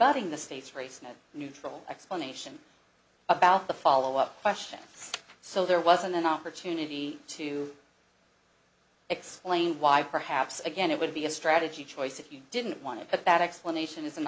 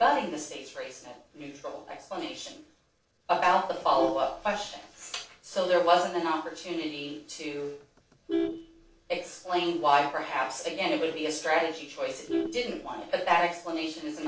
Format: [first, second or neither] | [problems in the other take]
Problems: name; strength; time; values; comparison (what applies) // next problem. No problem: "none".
first | noise reduction (neural separator model SepFormer DNS4)